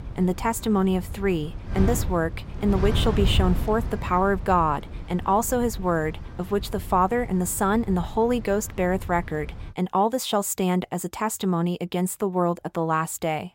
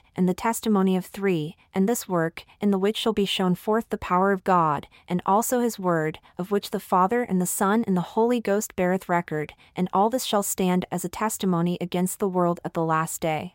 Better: second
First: wind noise on the microphone; occasional gusts; until 9.5 s; 15 dB below the speech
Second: none

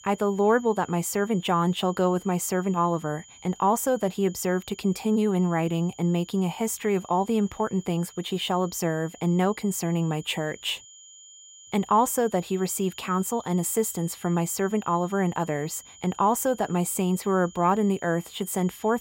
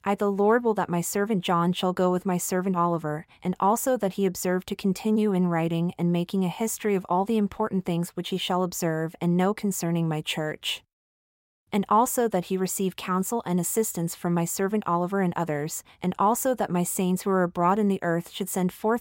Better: second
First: high-pitched whine; faint; throughout; 7 kHz, 20 dB below the speech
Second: none

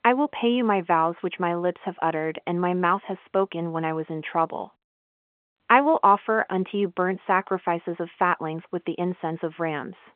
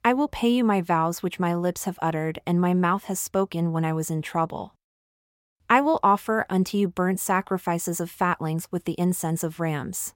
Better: second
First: phone-call audio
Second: none

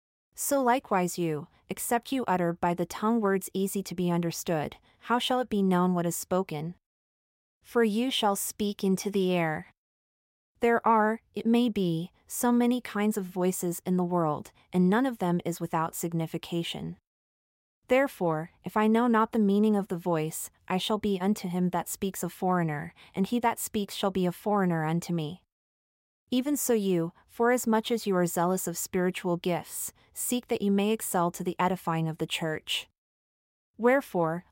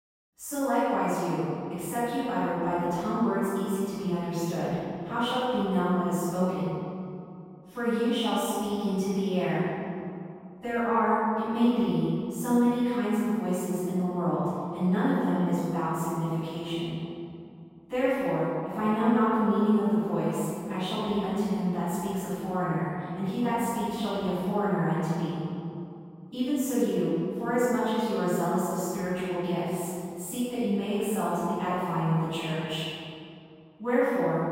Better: first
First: none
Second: off-mic speech; far // room echo; strong; dies away in 2.4 s

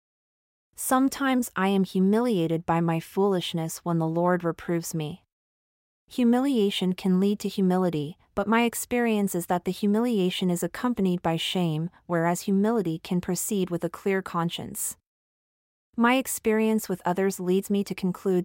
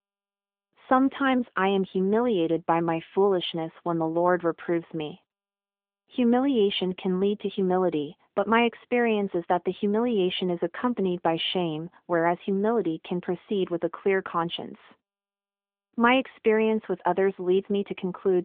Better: first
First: none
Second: phone-call audio; nothing above 3 kHz

